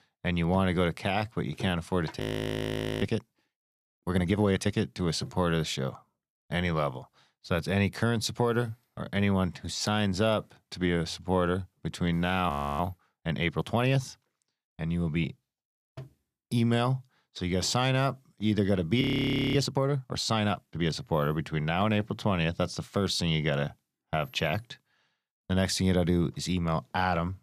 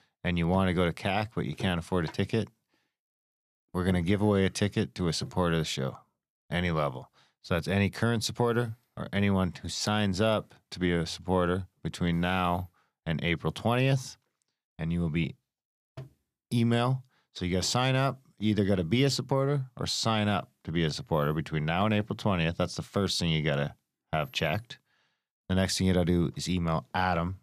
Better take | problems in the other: second | audio freezing; at 2 s for 1 s, at 13 s and at 19 s for 0.5 s

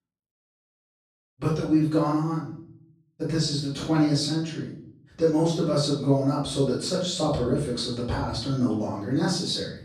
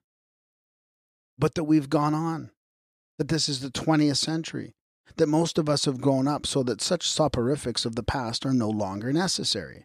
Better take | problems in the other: second | off-mic speech; far // room echo; noticeable; dies away in 0.6 s

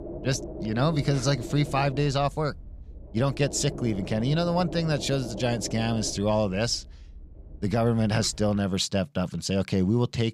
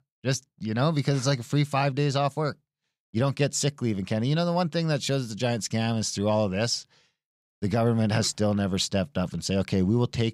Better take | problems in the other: second | low rumble; noticeable; until 8.5 s; 10 dB below the speech

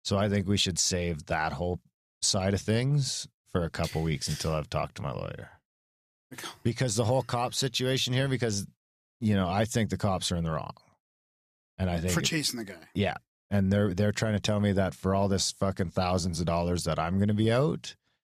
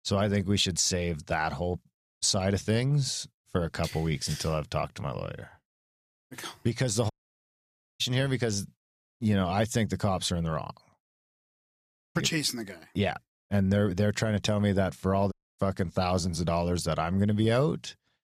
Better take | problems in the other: first | audio cutting out; at 7 s for 1 s, at 12 s and at 15 s

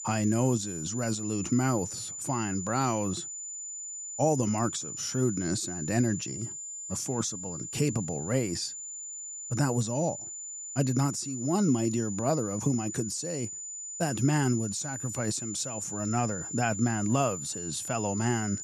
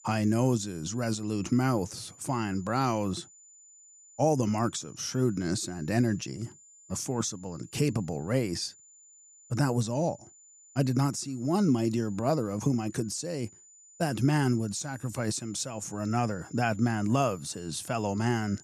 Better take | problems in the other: second | high-pitched whine; loud; throughout; 7 kHz, 6 dB below the speech; faint in the second

